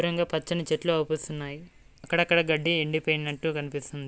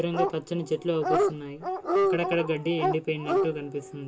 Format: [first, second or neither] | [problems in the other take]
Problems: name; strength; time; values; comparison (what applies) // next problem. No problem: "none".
first | background sound (Dog); 1 dB above the speech // room echo; dies away in 0.2 s